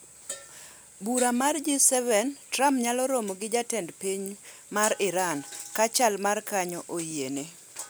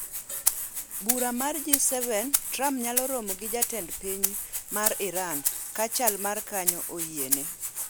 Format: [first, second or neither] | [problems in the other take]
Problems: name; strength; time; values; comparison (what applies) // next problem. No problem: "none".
first | background sound (Rattle (instrument)); 1 dB above the speech